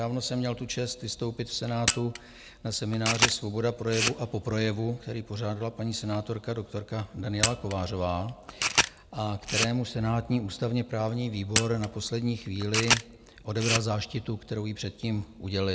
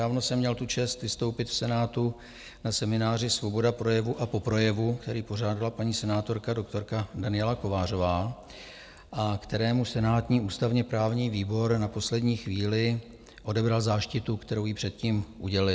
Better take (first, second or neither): second